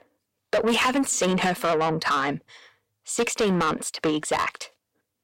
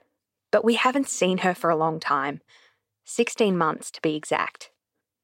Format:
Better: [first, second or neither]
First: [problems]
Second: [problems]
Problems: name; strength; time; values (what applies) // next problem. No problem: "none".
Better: second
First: distortion; heavy; 6 dB below the speech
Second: none